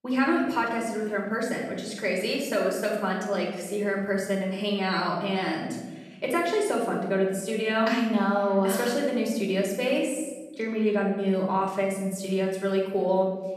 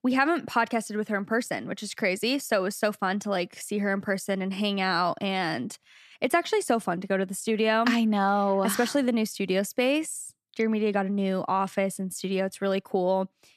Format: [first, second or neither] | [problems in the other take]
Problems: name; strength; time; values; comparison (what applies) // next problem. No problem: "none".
second | off-mic speech; far // room echo; noticeable; dies away in 1.1 s